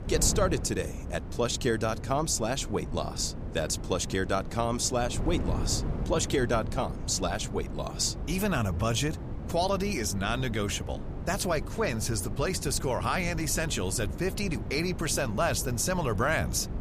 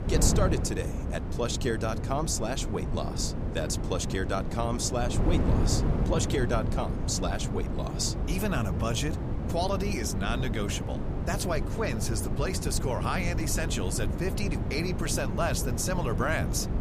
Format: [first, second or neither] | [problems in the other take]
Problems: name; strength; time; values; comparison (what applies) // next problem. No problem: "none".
first | wind noise on the microphone; heavy; 7 dB below the speech; occasional gusts in the first